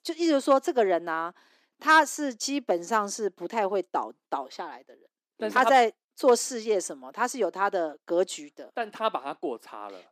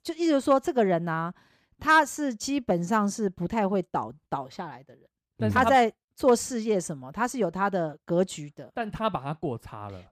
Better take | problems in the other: second | thin; very slightly; fading below 300 Hz

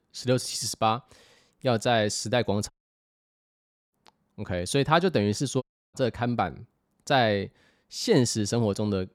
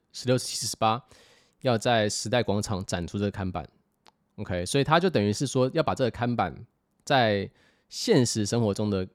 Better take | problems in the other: second | audio cutting out; at 2.5 s for 1 s and at 5.5 s

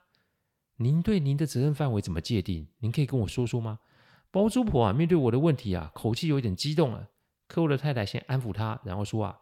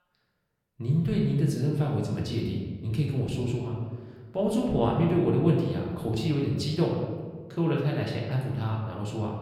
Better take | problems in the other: first | room echo; noticeable; dies away in 1.3 s // off-mic speech; somewhat distant

